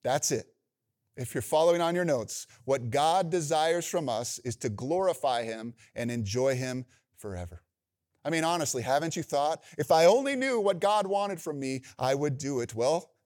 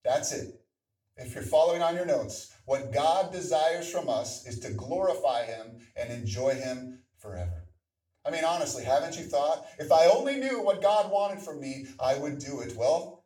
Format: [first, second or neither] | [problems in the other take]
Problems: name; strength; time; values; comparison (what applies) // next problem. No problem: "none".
first | room echo; slight; dies away in 0.3 s // off-mic speech; far